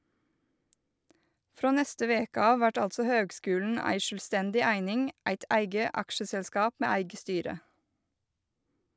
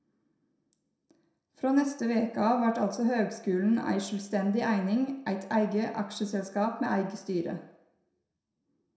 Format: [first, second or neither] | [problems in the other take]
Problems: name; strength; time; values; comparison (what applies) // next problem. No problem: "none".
first | room echo; dies away in 0.6 s